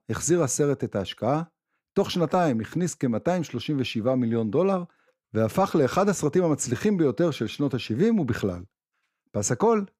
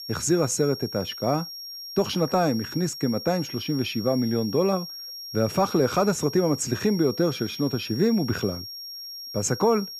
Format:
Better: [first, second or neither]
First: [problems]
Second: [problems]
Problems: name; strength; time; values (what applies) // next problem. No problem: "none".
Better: first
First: none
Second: high-pitched whine; loud; throughout; 5.5 kHz, 10 dB below the speech